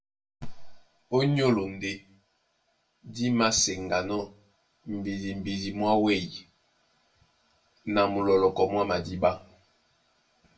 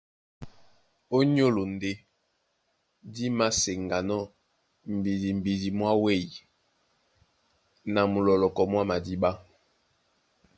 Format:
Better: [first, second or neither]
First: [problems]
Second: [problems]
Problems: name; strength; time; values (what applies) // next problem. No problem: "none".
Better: second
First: room echo; dies away in 0.2 s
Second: none